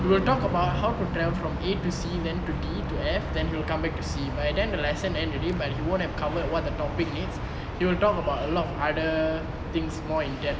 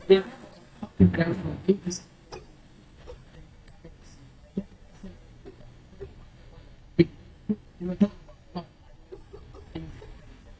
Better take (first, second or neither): first